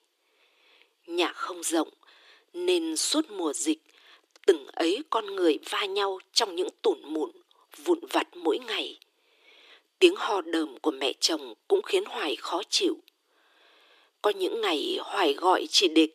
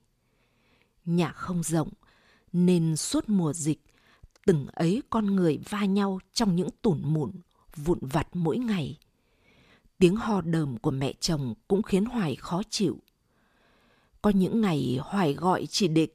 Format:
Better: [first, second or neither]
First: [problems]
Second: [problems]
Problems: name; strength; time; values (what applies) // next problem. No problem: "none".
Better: second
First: thin; very; fading below 300 Hz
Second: none